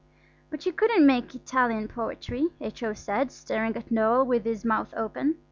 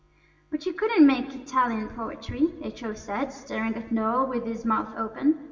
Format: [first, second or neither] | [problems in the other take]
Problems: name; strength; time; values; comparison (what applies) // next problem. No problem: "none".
first | room echo; dies away in 1.9 s